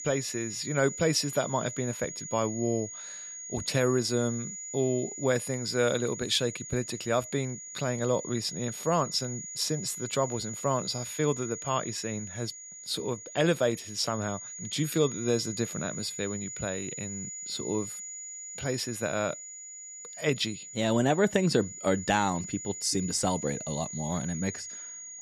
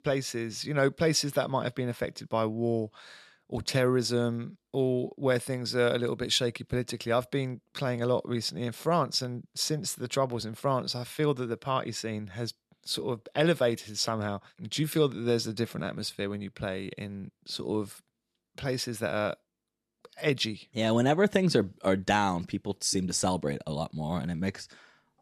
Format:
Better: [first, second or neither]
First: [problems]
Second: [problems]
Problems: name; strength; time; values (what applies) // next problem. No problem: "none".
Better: second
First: high-pitched whine; loud; throughout; 7 kHz, 8 dB below the speech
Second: none